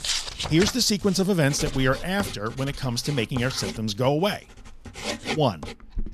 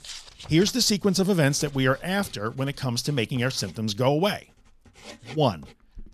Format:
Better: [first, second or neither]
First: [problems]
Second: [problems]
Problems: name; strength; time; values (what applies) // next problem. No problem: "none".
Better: second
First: household noises; loud; throughout; 9 dB below the speech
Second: household noises; faint; throughout; 20 dB below the speech